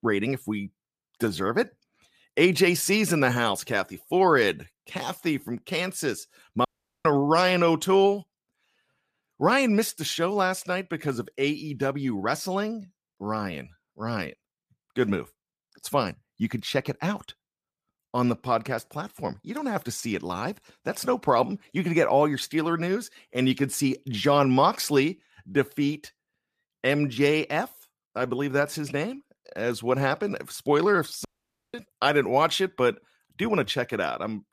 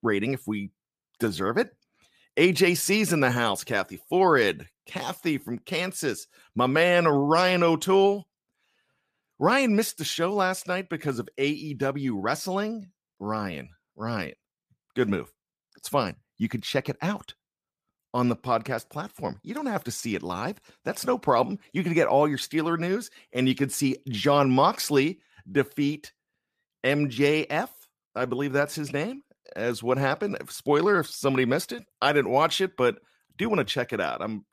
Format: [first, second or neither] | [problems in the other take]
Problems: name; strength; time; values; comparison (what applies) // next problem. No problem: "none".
second | audio cutting out; at 6.5 s and at 31 s